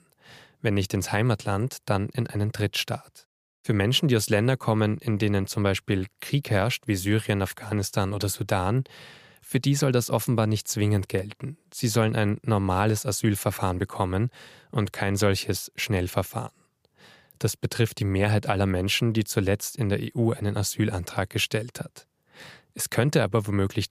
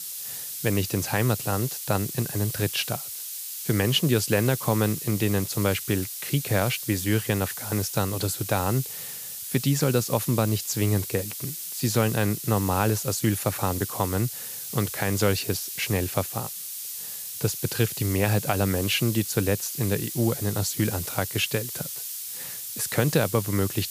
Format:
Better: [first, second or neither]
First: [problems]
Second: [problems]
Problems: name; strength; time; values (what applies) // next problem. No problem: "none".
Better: first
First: none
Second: hiss; loud; throughout; 6 dB below the speech